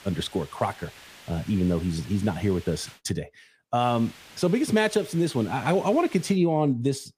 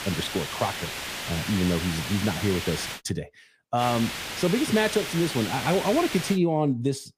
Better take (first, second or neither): first